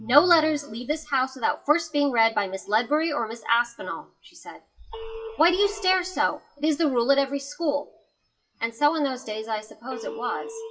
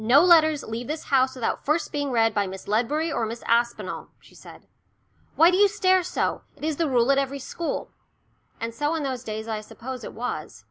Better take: second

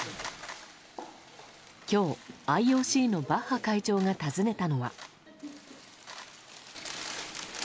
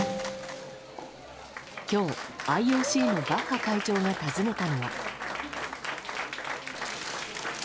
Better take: first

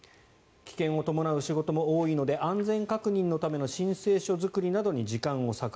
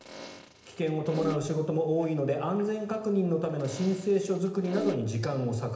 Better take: first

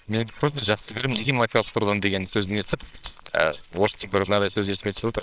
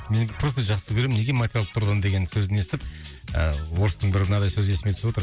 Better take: second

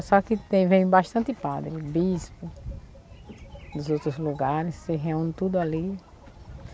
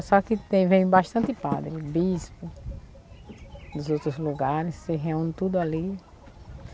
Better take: first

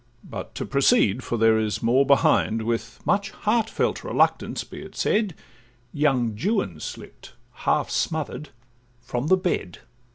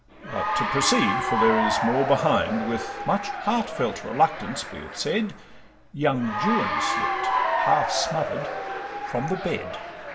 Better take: first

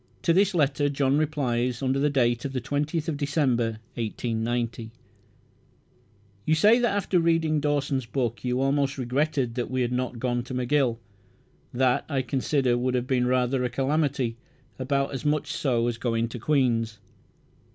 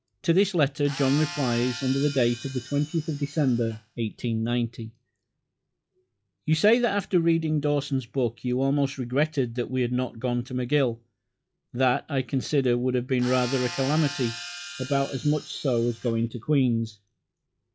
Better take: first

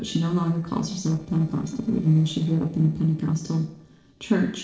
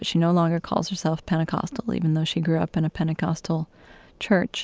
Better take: second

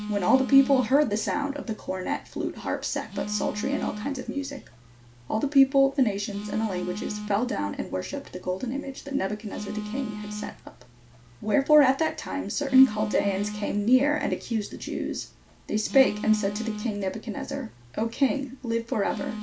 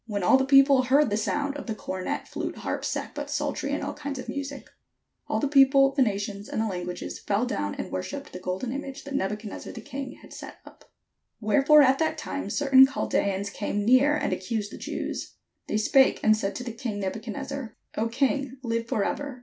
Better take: second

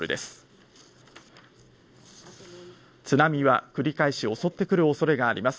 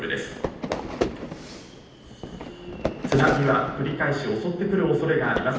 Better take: first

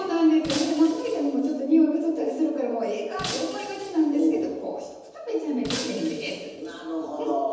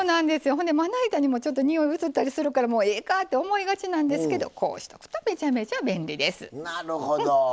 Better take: second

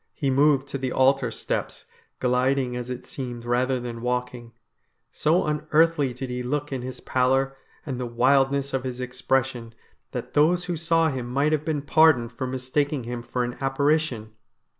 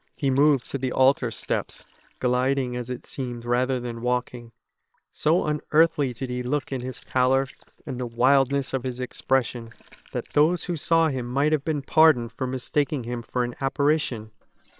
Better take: first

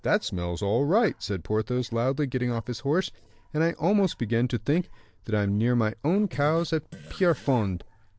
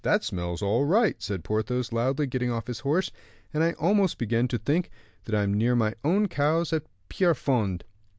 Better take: second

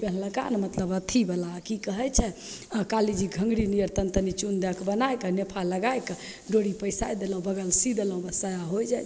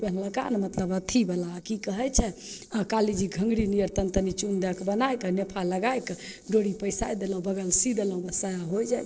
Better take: first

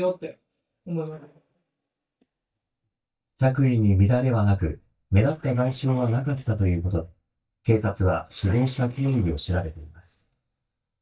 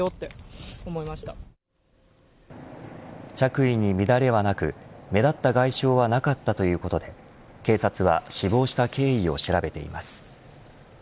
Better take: second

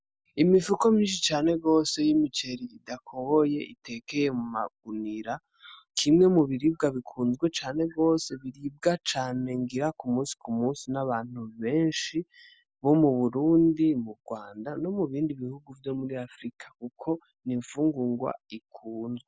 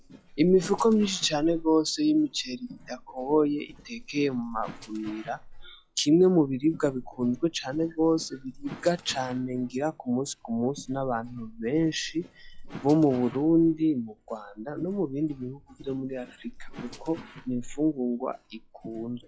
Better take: first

